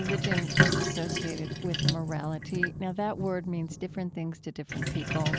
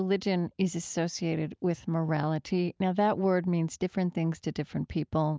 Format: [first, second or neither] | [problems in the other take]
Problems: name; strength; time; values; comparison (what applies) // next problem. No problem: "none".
second | background sound (Sink (filling or washing)); 2 dB above the speech